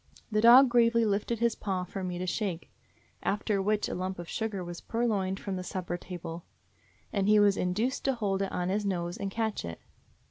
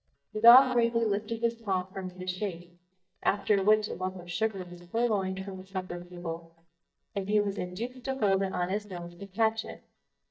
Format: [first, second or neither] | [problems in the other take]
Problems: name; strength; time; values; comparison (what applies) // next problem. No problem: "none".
first | noise reduction (neural mask model DeepFilterNet 3)